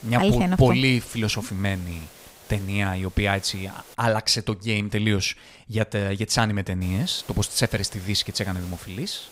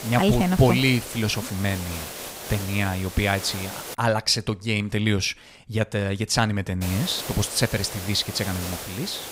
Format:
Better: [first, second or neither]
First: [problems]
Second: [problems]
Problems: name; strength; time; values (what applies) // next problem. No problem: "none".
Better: first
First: hiss; faint; until 4 s and from 7 s on; 20 dB below the speech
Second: hiss; loud; until 4 s and from 7 s on; 10 dB below the speech